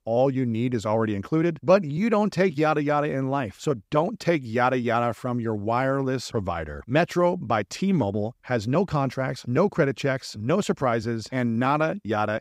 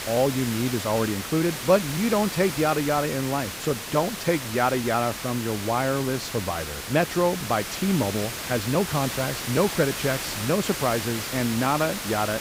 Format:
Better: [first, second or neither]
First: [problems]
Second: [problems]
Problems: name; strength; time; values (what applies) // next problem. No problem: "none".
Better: first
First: none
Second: hiss; loud; throughout; 6 dB below the speech